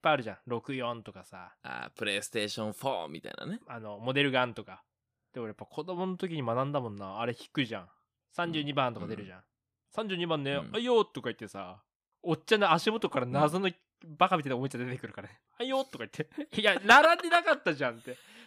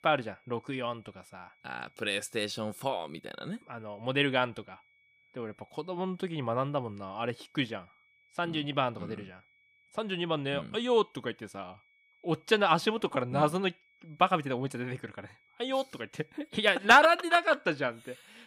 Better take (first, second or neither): first